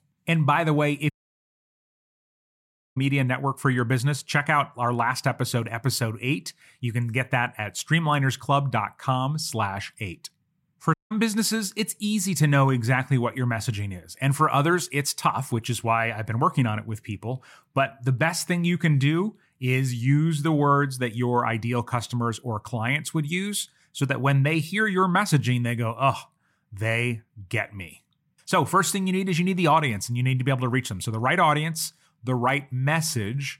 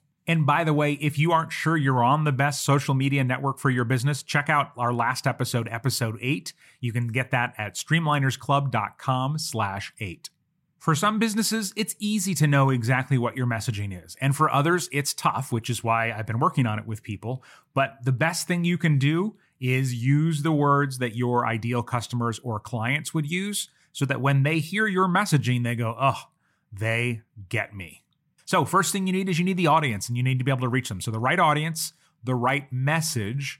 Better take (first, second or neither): second